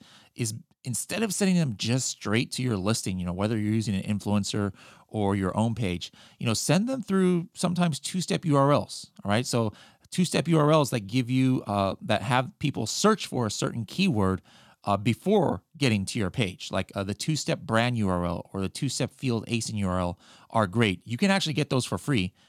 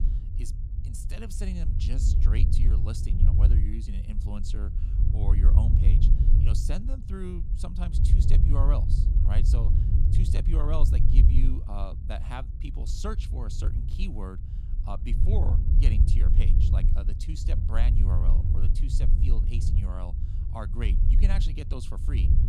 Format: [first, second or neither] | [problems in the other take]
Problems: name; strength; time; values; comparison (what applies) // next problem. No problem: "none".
first | low rumble; loud; throughout; 2 dB below the speech